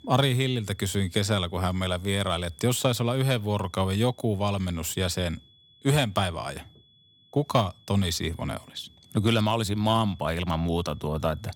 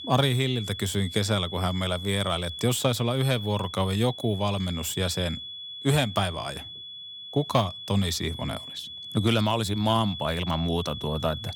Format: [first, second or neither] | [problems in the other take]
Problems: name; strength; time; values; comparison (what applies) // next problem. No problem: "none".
first | high-pitched whine; loud; throughout; 3.5 kHz, 10 dB below the speech; faint in the first